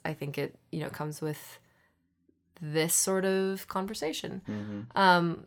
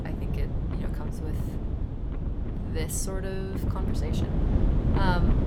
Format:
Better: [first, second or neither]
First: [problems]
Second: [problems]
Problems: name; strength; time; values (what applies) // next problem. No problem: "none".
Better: first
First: none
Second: wind noise on the microphone; heavy; 3 dB below the speech